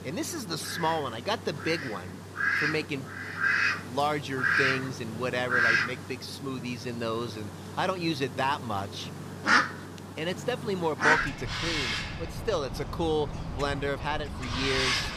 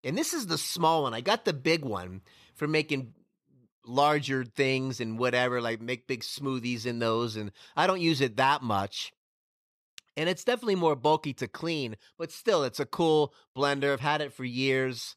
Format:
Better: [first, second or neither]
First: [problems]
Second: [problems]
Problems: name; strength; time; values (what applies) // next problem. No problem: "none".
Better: second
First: animal sounds; very loud; throughout; 3 dB above the speech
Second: none